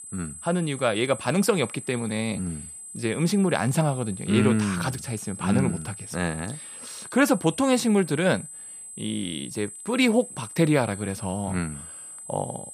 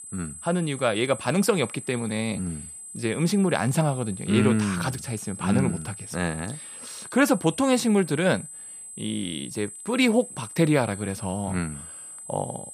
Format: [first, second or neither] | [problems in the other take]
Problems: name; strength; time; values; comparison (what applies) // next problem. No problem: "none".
neither | high-pitched whine; noticeable; throughout; 8 kHz, 10 dB below the speech; the same in both